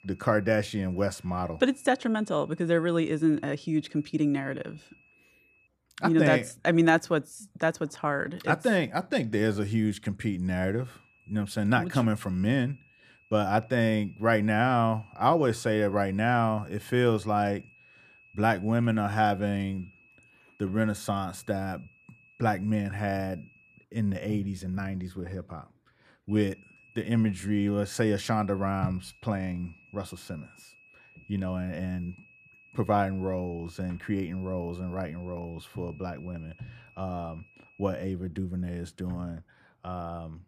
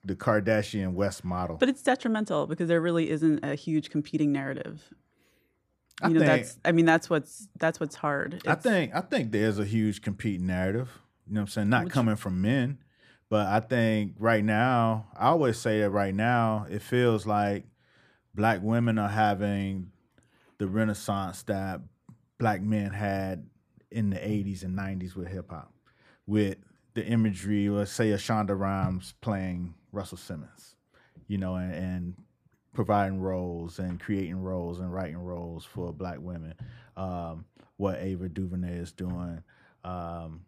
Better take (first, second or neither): second